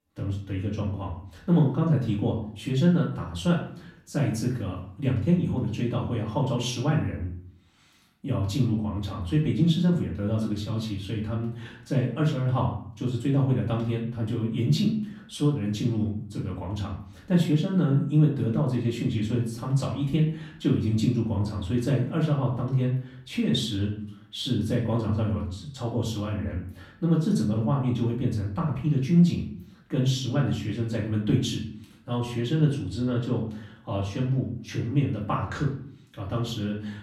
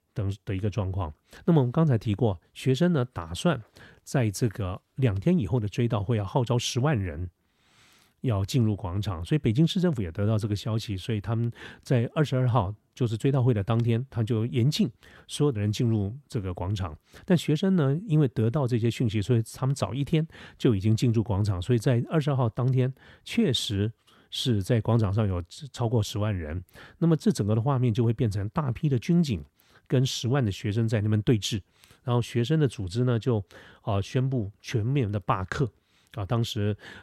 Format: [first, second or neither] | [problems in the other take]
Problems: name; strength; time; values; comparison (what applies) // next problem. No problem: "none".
second | off-mic speech; far // room echo; slight; dies away in 0.5 s